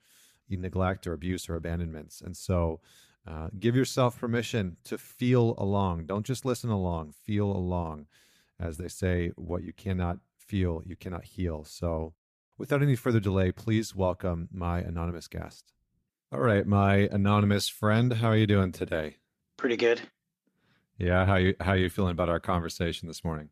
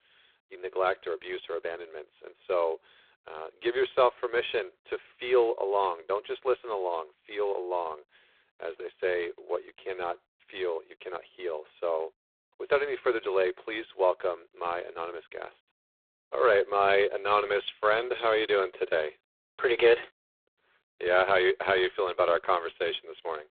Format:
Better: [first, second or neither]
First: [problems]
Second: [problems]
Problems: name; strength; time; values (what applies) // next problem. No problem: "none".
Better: first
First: none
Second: phone-call audio; poor line